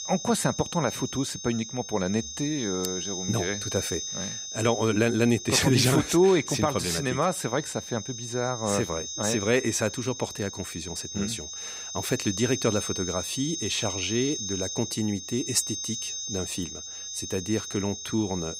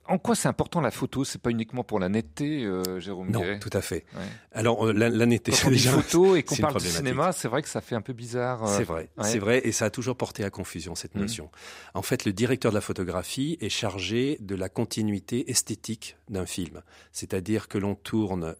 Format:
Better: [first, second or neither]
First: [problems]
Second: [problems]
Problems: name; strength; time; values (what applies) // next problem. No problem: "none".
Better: second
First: high-pitched whine; loud; throughout; 6.5 kHz, 6 dB below the speech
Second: none